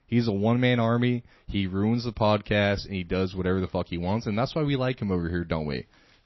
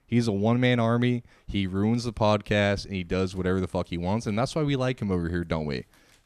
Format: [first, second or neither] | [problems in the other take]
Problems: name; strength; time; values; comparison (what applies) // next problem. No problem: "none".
second | garbled, watery; slightly; nothing above 5.5 kHz